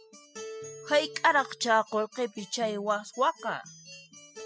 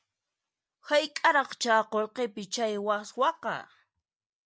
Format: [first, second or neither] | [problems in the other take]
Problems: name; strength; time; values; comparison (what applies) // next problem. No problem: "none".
second | noise reduction (classical method spectral subtraction)